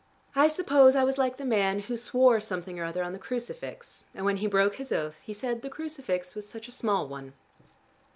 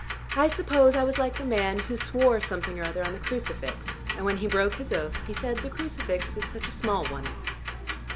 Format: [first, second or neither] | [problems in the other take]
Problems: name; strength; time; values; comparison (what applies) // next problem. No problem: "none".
first | background sound (Tick-tock); 6 dB below the speech